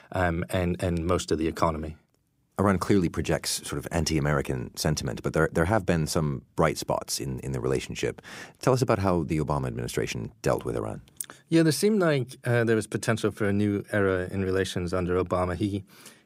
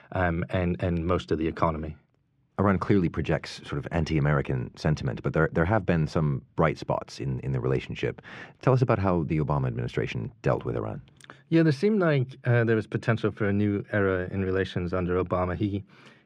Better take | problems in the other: first | muffled; slightly; fading above 2.5 kHz

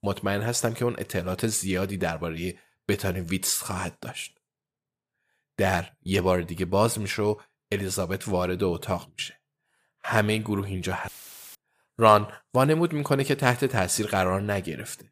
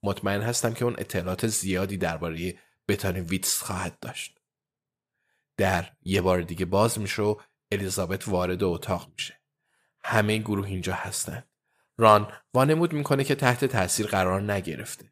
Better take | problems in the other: second | audio cutting out; filled with static; at 11 s

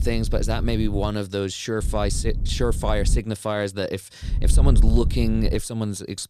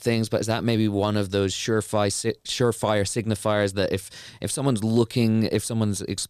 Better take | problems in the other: second | wind noise on the microphone; occasional gusts; until 1 s, from 2 to 3 s and from 4 to 5.5 s; 15 dB below the speech

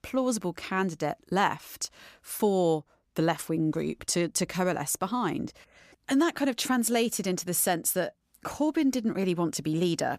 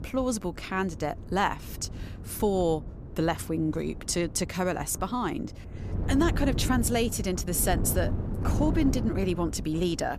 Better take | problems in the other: first | wind noise on the microphone; occasional gusts; 15 dB below the speech

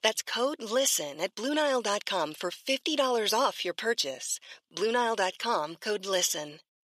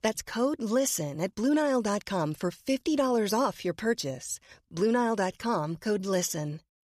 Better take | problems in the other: second | thin; somewhat; fading below 450 Hz

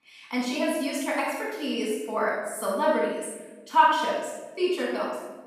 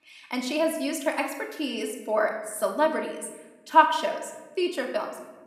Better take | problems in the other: second | room echo; strong; dies away in 1 s; slight in the second // off-mic speech; far; somewhat distant in the second

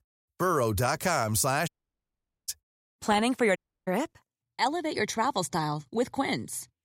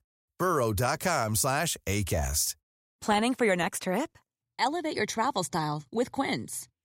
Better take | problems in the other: second | audio cutting out; at 1.5 s for 1 s and at 3.5 s

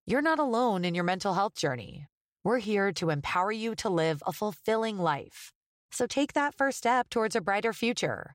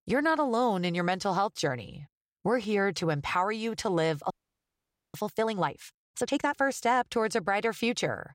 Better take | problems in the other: first | audio freezing; at 4.5 s for 1 s

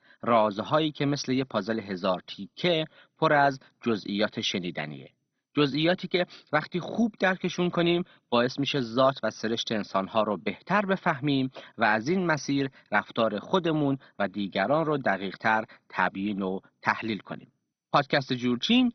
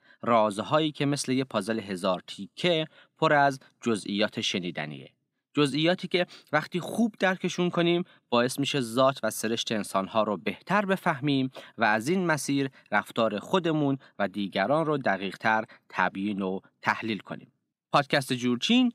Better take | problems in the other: second | garbled, watery; badly; nothing above 6 kHz

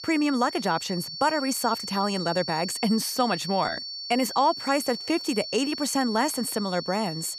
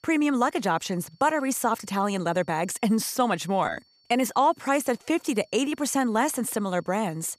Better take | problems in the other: second | high-pitched whine; loud; throughout; 4.5 kHz, 7 dB below the speech; faint in the second

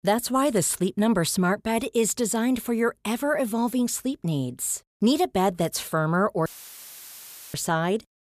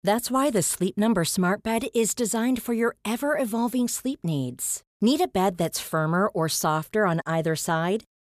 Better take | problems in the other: second | audio cutting out; filled with static; at 6.5 s for 1 s

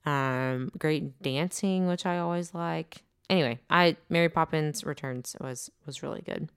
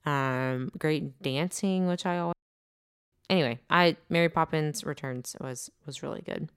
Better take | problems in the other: first | audio cutting out; at 2.5 s for 1 s

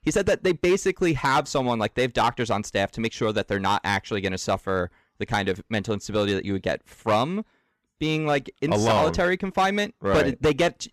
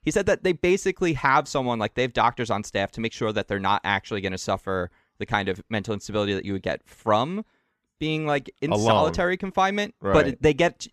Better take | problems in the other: second | distortion; slight; 5% of the sound clipped

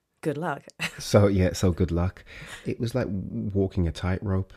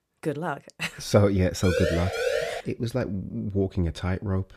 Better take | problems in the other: first | siren; loud; at 1.5 s; peak level with the speech

